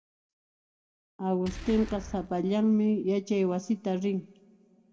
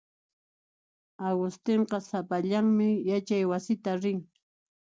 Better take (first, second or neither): second